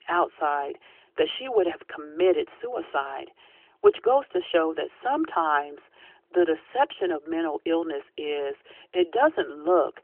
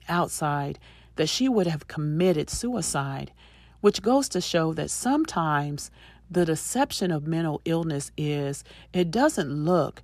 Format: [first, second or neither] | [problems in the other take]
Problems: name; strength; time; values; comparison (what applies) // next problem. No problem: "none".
second | phone-call audio; nothing above 3 kHz